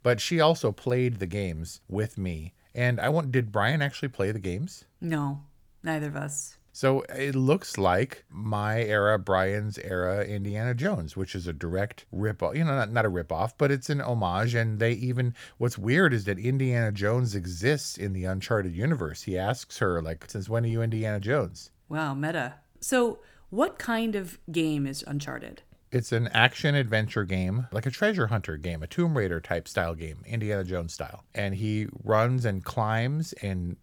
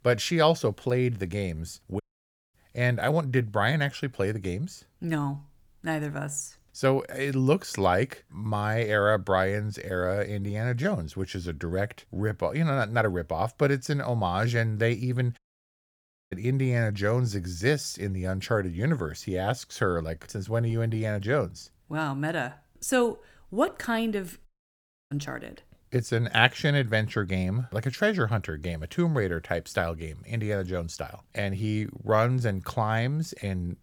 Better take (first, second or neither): first